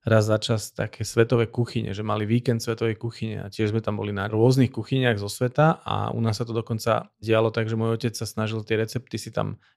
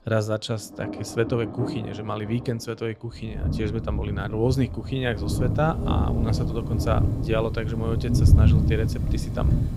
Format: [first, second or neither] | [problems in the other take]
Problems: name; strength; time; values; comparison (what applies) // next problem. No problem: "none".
first | rain or running water; very loud; throughout; 3 dB above the speech